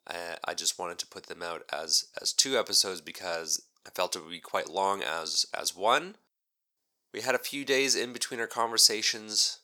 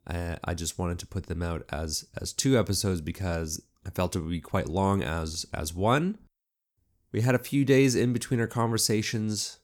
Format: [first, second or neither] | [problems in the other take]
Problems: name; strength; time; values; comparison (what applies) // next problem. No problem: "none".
second | thin; very; fading below 650 Hz